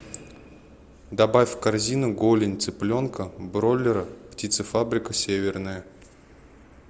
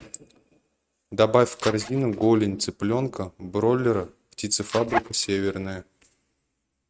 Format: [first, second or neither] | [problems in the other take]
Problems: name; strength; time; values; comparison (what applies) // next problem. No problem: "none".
first | noise reduction (neural mask model RNNoise)